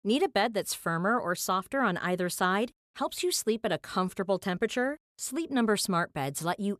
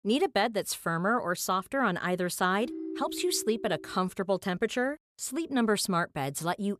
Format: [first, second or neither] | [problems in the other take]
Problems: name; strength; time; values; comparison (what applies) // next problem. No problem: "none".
first | phone ringing; noticeable; from 2.5 to 4 s; peak 8 dB below the speech